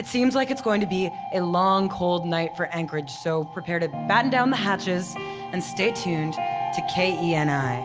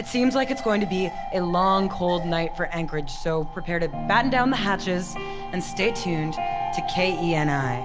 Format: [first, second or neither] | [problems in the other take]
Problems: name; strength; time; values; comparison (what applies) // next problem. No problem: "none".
first | background sound (Alarm); 10 dB below the speech